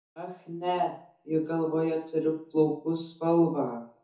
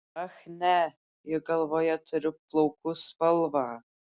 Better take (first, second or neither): second